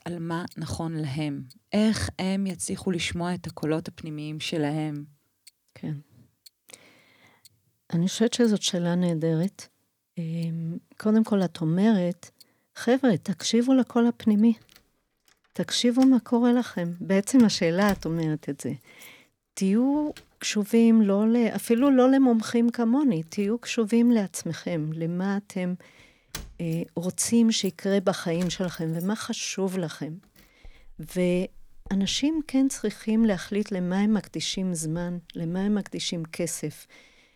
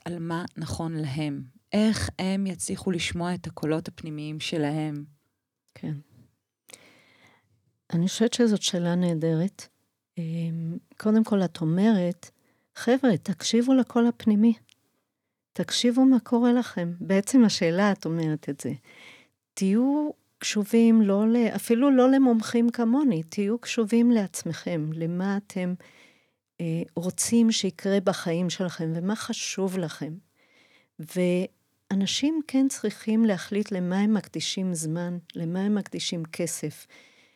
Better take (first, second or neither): second